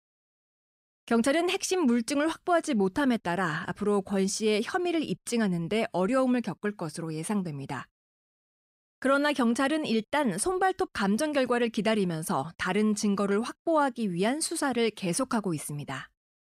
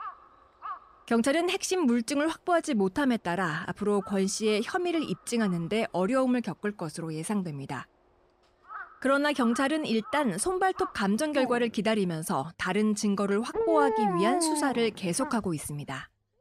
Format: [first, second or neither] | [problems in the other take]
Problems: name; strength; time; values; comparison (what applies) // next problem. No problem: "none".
first | animal sounds; loud; throughout; 7 dB below the speech